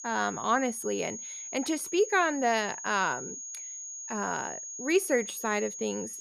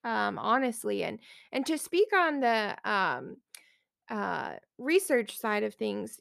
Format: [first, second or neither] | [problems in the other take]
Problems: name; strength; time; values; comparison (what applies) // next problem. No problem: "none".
second | high-pitched whine; loud; throughout; 6.5 kHz, 8 dB below the speech